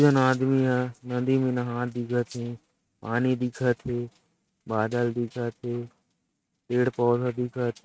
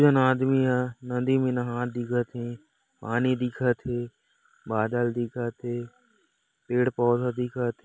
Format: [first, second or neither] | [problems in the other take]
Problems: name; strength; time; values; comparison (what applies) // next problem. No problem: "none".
second | noise reduction (neural mask model RNNoise)